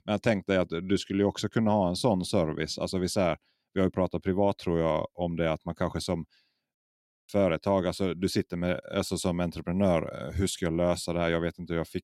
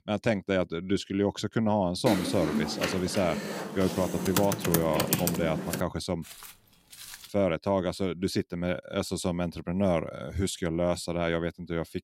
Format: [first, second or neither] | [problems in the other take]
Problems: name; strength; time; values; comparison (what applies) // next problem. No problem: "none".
first | keyboard typing; loud; from 2 to 6 s; peak 2 dB above the speech // footsteps; faint; from 6 to 7.5 s; peak 15 dB below the speech